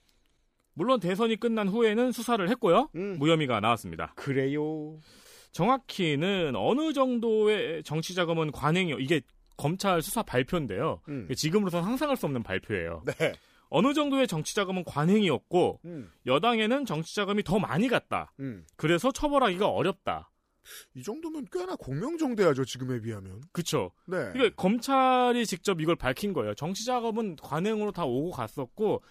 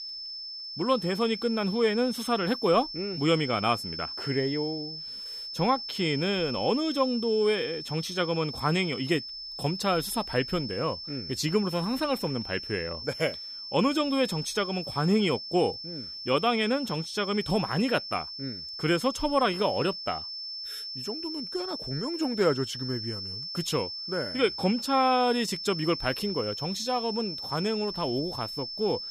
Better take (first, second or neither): first